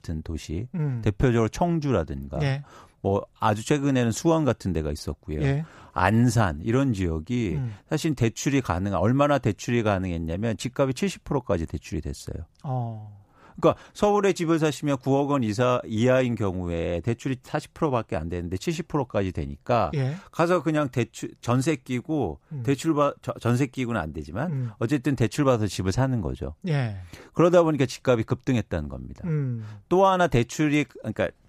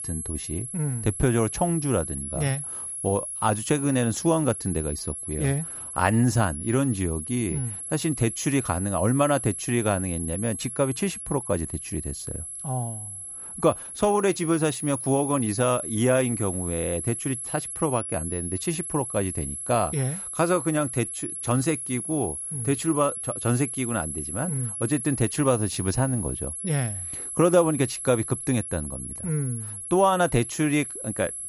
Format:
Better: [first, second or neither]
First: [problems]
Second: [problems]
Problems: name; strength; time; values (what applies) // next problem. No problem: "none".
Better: first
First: none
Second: high-pitched whine; loud; throughout; 11 kHz, 6 dB below the speech